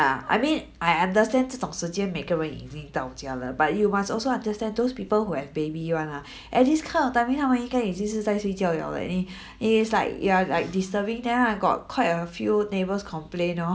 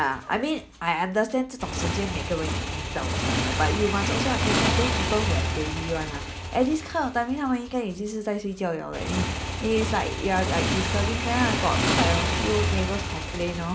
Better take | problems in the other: first | background sound (Motorcycle / Engine); as loud as the speech

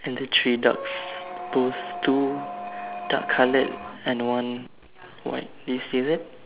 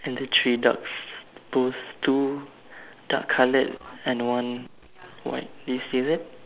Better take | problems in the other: second | background sound (Squeak); 9 dB below the speech

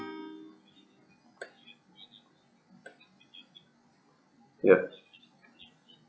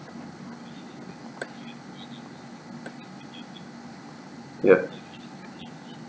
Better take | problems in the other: second | noise reduction (classical method log-MMSE)

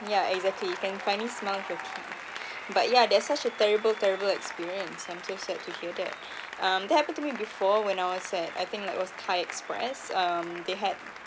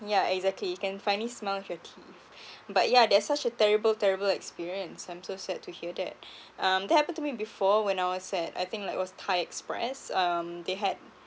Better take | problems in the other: second | background sound (Applause); 11 dB below the speech

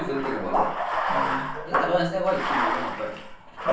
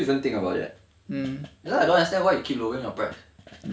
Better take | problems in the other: second | background sound (Bathtub (filling or washing)); 2 dB above the speech // room echo; dies away in 0.6 s

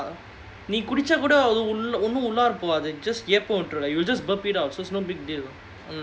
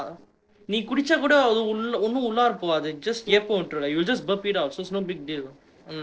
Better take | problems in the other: first | noise reduction (neural separator model SepFormer DNS4)

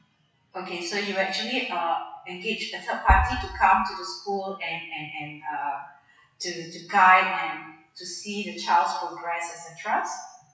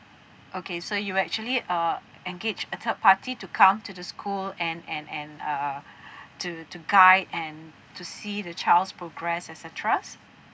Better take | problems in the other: second | noise reduction (classical method WPE with log-MMSE)

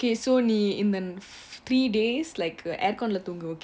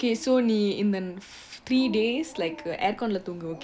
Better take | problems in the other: first | background sound (Dog); 19 dB below the speech

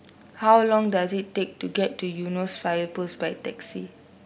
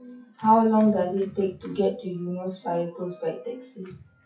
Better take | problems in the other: first | noise reduction (classical method WPE with log-MMSE)

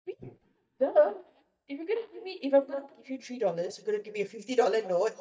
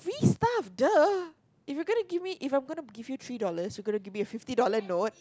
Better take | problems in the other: second | noise reduction (neural mask model DeepFilterNet 3)

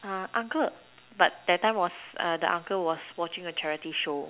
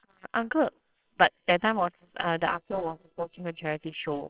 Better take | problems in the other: first | noise reduction (neural separator model SepFormer WHAMR!)

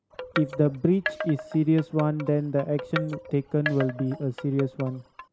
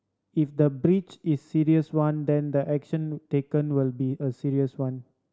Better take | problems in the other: second | background sound (Wind chime); 10 dB below the speech

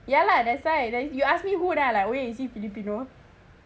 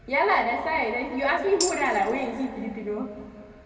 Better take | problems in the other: first | background sound (Tambourine); 9 dB below the speech // room echo; dies away in 2.3 s

